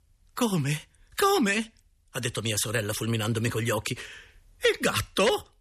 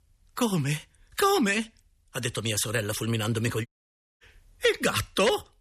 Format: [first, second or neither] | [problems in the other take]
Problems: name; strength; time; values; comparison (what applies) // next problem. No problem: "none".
first | audio cutting out; at 3.5 s for 0.5 s